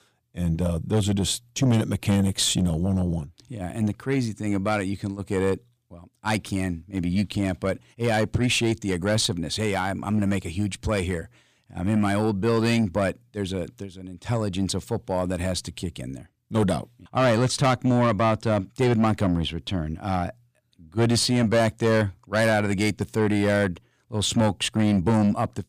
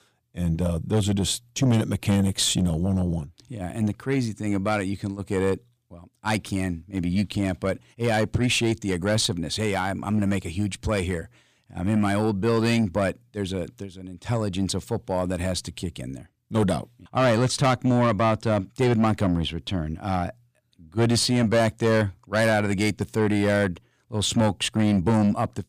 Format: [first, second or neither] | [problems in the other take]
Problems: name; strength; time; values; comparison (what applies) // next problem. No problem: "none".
neither | distortion; slight; 10 dB below the speech; the same in both